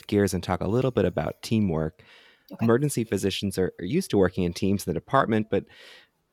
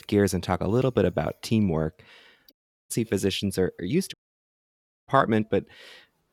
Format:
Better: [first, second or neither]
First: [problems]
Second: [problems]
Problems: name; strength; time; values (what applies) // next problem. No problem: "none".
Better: first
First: none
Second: audio cutting out; at 2.5 s and at 4 s for 1 s